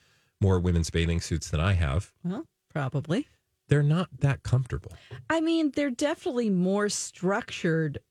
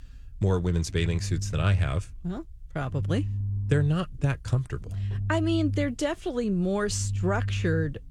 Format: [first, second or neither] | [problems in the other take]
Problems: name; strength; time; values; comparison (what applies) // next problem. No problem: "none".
first | low rumble; noticeable; throughout; 15 dB below the speech